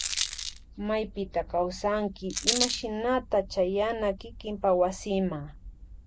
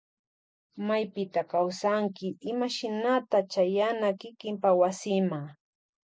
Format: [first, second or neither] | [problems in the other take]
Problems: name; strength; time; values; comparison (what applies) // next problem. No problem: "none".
second | background sound (Rattle); 7 dB below the speech